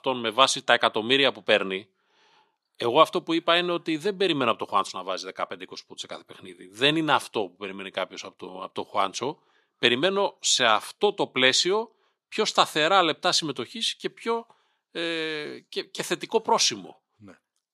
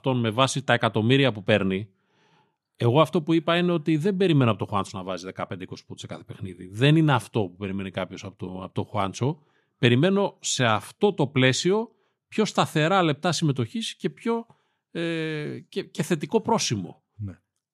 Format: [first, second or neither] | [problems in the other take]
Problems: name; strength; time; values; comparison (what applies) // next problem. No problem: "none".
second | thin; somewhat; fading below 400 Hz